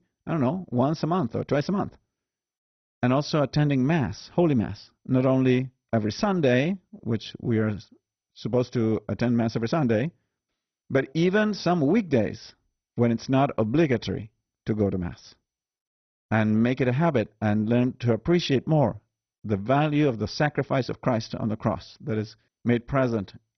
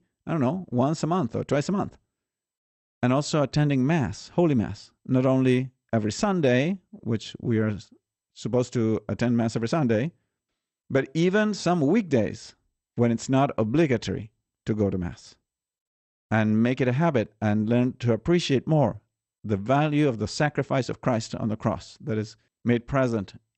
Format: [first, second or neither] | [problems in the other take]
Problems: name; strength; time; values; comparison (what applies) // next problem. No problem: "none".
second | garbled, watery; badly; nothing above 6 kHz; slightly in the second